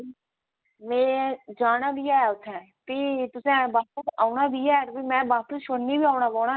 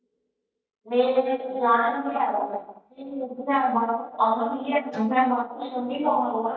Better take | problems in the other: first | noise reduction (neural mask model DeepFilterNet 3)

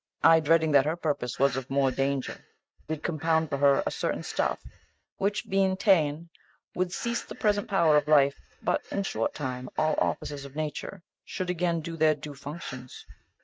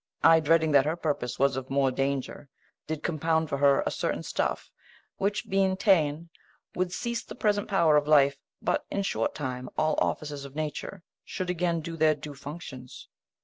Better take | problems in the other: second | noise reduction (neural mask model RNNoise)

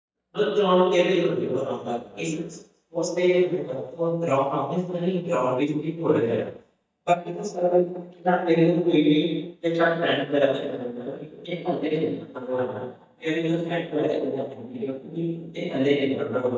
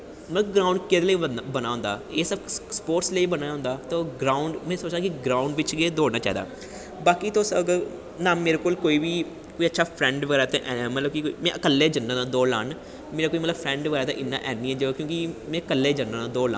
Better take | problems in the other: second | noise reduction (neural mask model DeepFilterNet 3)

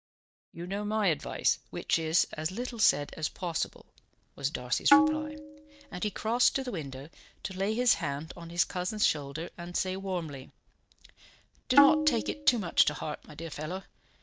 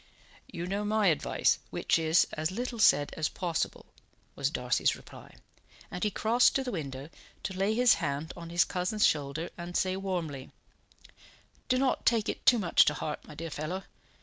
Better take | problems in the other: second | noise reduction (neural mask model DeepFilterNet 3)

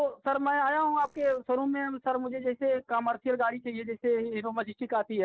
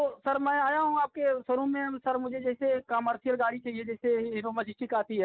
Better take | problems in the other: second | noise reduction (neural separator model SepFormer DNS4)

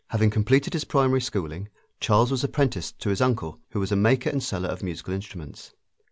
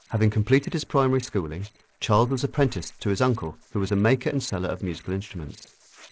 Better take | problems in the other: first | noise reduction (neural separator model SepFormer DNS4)

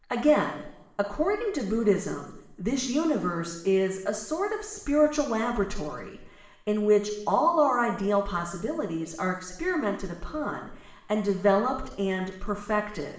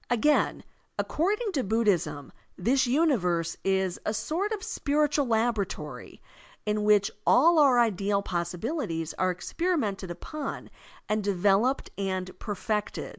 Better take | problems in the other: second | room echo; dies away in 0.9 s

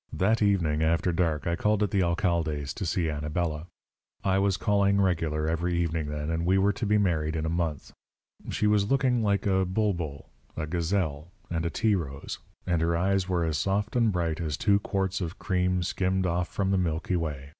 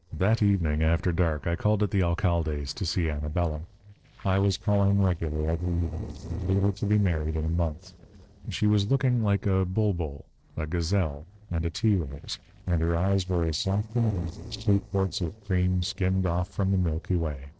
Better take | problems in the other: first | noise reduction (neural separator model SepFormer DNS4)

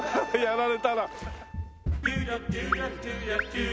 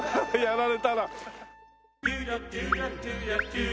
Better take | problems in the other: second | background sound (Run); 5 dB below the speech

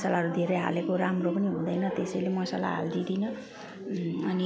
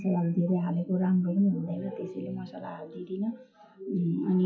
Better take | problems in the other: first | noise reduction (classical method WPE with log-MMSE)

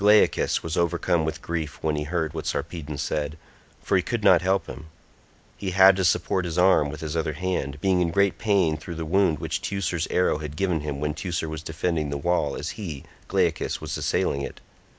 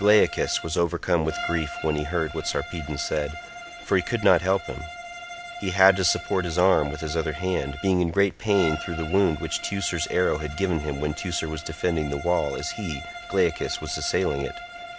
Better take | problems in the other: first | background sound (Bowed string instrument); 12 dB below the speech

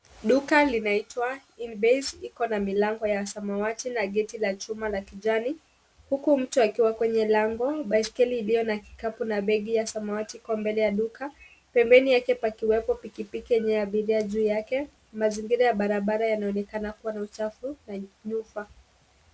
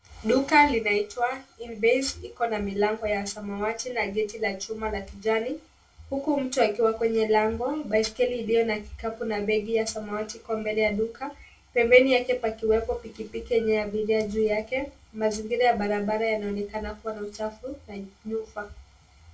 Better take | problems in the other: first | room echo; dies away in 0.2 s

